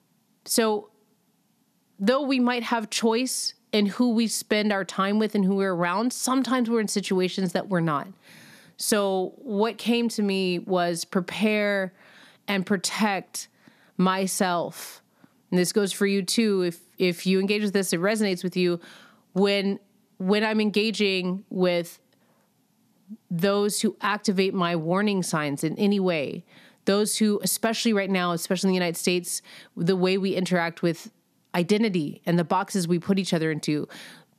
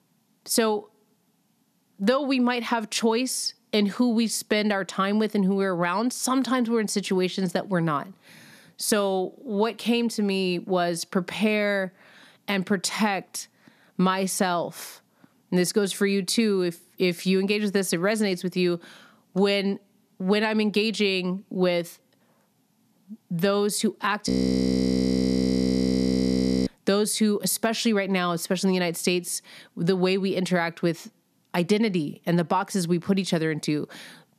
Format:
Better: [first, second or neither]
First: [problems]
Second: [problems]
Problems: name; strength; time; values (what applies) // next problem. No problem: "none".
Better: first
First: none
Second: audio freezing; at 24 s for 2.5 s